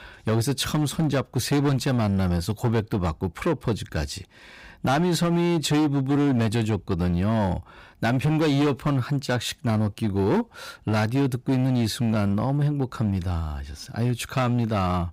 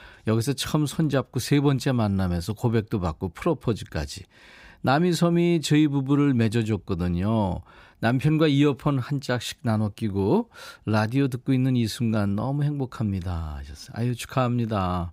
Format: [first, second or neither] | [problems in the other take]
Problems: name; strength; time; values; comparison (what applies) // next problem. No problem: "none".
second | distortion; slight; 15% of the sound clipped